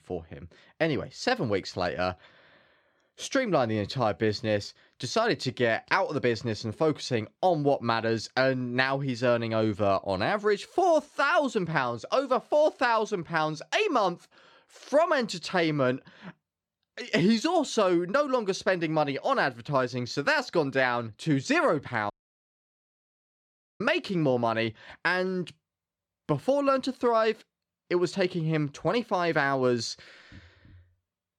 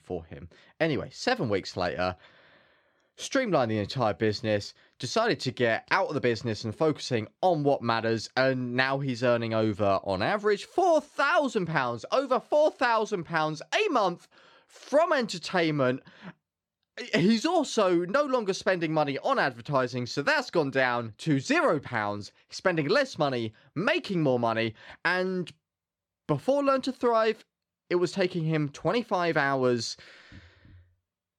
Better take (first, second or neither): second